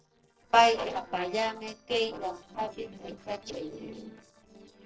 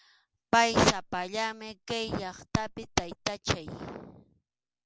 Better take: second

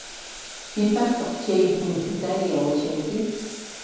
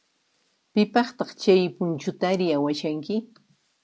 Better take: second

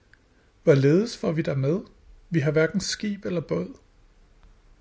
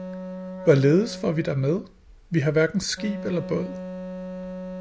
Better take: first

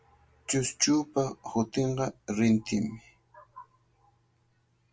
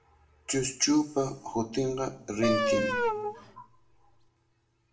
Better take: first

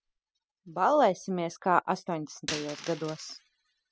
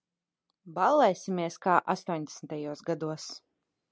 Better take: second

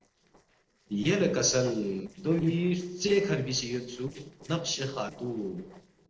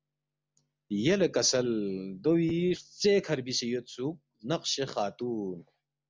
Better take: second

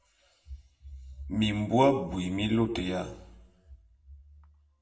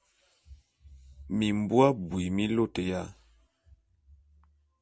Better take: second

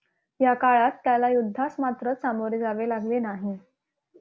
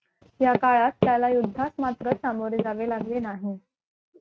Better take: first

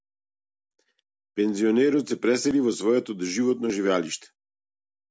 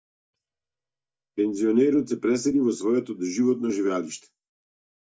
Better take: first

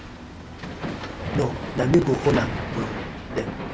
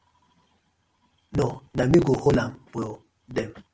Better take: second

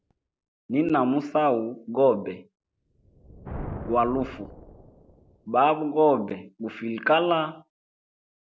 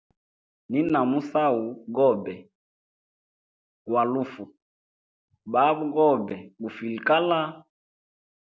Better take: second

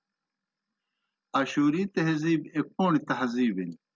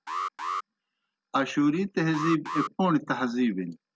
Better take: first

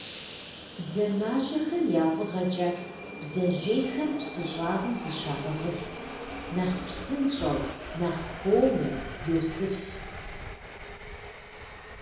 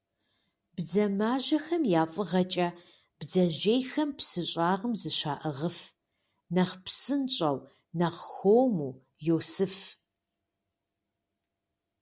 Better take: second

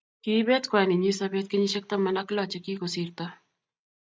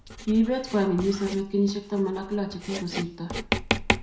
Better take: first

